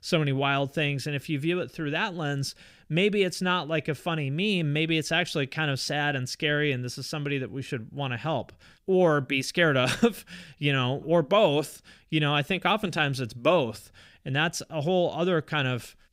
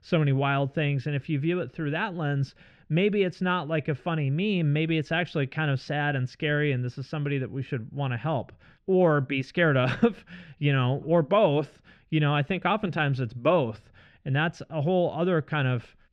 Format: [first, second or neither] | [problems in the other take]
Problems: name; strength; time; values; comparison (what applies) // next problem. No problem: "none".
first | muffled; slightly; fading above 2.5 kHz